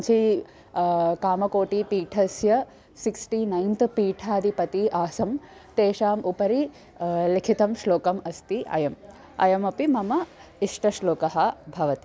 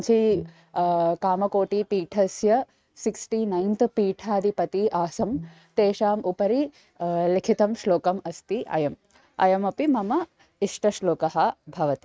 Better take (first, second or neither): first